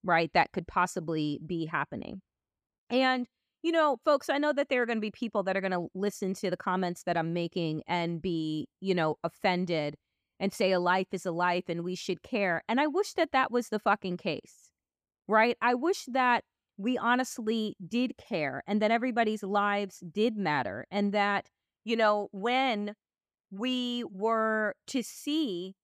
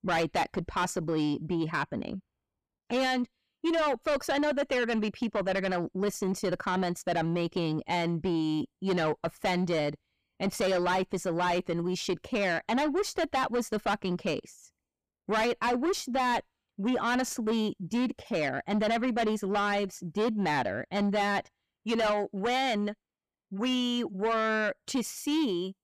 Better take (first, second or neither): first